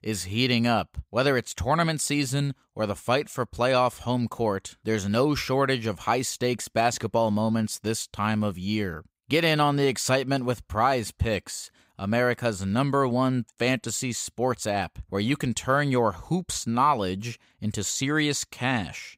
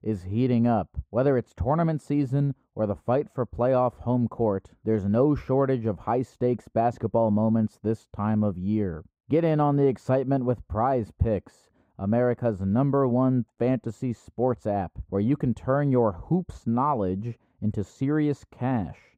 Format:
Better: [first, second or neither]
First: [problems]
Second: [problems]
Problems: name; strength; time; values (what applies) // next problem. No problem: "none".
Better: first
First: none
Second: muffled; very; fading above 1.5 kHz